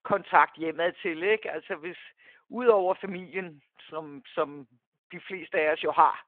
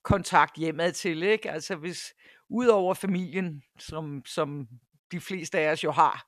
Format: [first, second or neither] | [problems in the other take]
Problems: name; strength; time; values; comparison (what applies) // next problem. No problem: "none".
second | phone-call audio